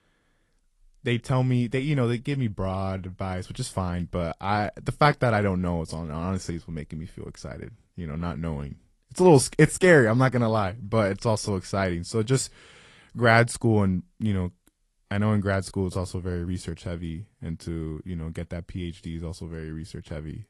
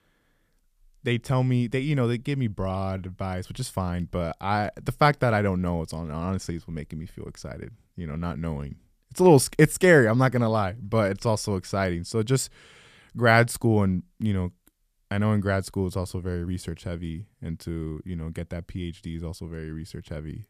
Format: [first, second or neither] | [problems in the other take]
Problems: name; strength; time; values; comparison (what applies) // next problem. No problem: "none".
second | garbled, watery; slightly